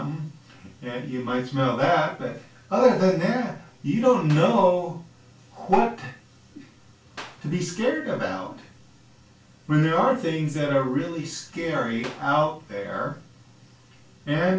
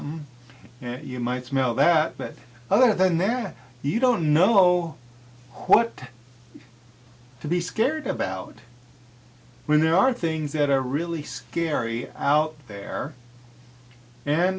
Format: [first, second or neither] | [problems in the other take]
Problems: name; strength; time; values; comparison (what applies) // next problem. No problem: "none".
second | background sound (Clapping); 17 dB below the speech // room echo; dies away in 0.3 s